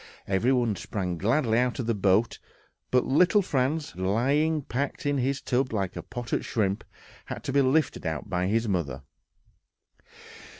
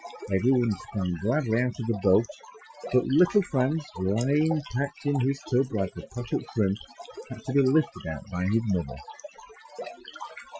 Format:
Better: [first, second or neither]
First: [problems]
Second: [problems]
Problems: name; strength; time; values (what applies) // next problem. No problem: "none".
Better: first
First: none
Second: noise reduction (classical method Wiener filter)